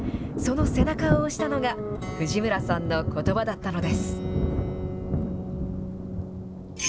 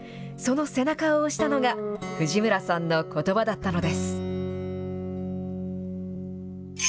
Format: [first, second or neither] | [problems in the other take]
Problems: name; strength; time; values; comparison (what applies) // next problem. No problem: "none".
second | background sound (Thunder); as loud as the speech